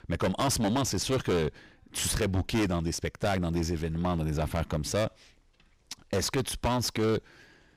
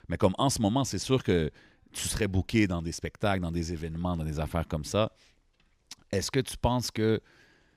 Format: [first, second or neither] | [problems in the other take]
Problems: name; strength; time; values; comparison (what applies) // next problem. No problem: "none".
second | distortion; heavy; 17% of the sound clipped